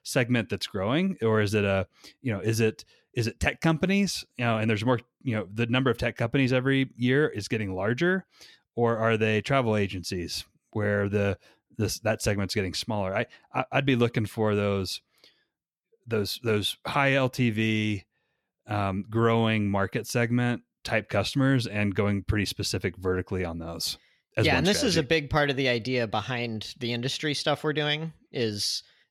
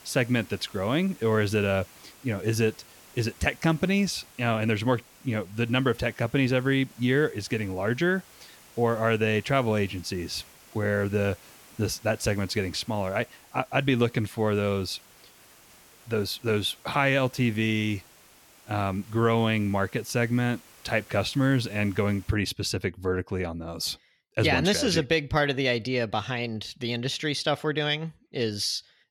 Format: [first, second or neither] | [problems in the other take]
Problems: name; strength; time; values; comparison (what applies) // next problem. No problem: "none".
first | hiss; faint; until 22 s; 25 dB below the speech